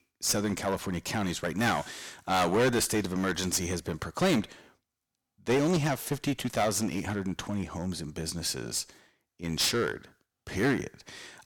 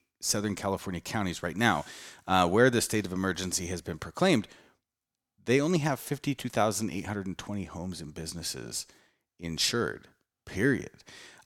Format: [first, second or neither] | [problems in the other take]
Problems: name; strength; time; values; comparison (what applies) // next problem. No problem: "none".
second | distortion; heavy; 7% of the sound clipped